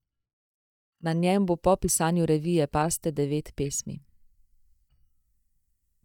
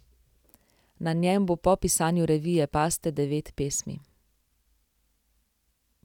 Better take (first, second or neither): second